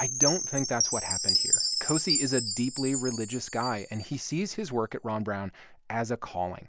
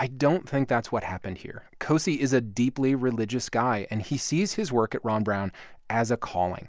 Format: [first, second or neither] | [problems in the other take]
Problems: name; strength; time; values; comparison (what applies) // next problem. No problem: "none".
second | background sound (Chime); as loud as the speech